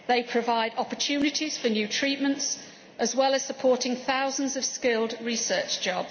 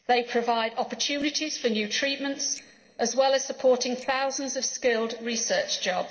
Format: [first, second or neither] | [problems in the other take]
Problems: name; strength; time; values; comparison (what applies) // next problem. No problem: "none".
first | noise reduction (neural separator model SepFormer DNS4)